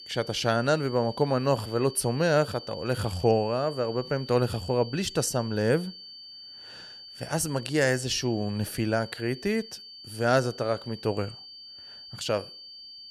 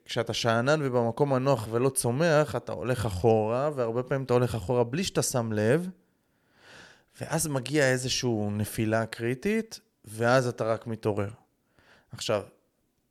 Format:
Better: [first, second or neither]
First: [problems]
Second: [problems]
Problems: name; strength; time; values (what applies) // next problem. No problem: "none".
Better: second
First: high-pitched whine; noticeable; throughout; 4.5 kHz, 15 dB below the speech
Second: none